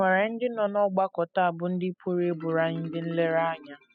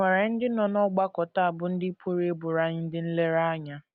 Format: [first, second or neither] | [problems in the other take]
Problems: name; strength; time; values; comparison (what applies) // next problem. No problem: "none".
second | noise reduction (classical method spectral subtraction)